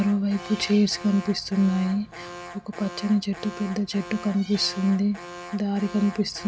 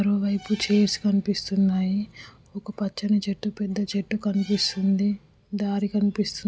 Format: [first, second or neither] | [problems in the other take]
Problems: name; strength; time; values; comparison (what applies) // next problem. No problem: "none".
second | background sound (Alarm); 15 dB below the speech